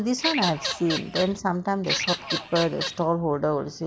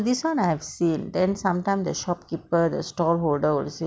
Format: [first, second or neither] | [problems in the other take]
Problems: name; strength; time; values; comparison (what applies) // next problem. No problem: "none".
second | background sound (Bird vocalization, bird call, bird song / Fowl); 4 dB below the speech